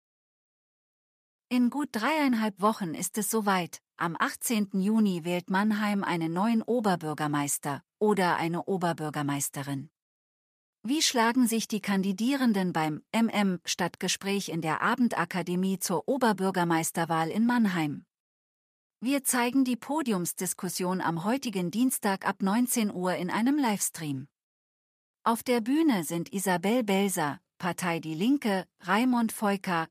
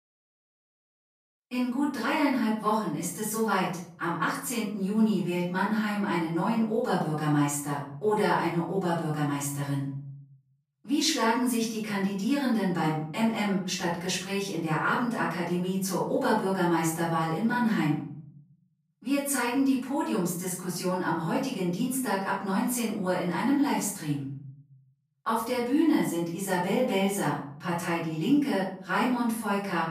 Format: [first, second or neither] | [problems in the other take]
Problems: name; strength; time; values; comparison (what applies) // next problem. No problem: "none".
first | off-mic speech; far // room echo; noticeable; dies away in 0.7 s